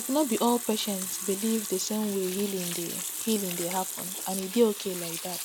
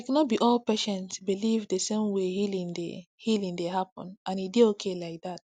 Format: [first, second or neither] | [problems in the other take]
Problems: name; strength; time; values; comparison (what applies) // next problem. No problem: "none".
second | background sound (Sink (filling or washing) / Water tap, faucet); 6 dB below the speech